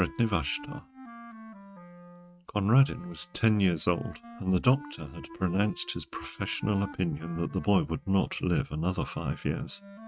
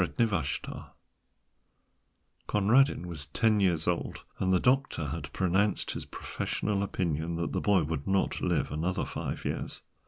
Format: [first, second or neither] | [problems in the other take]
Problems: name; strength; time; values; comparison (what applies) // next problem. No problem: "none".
second | noise reduction (neural mask model RNNoise)